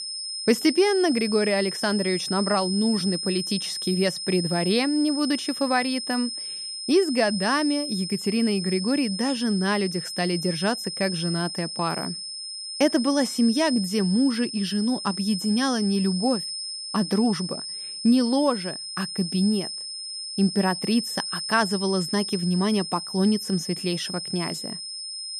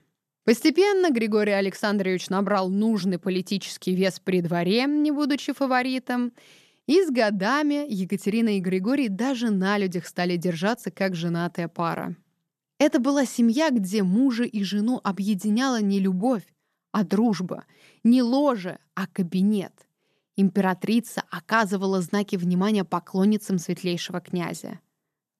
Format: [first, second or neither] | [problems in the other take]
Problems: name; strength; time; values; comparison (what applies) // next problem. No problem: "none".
second | high-pitched whine; loud; throughout; 5 kHz, 6 dB below the speech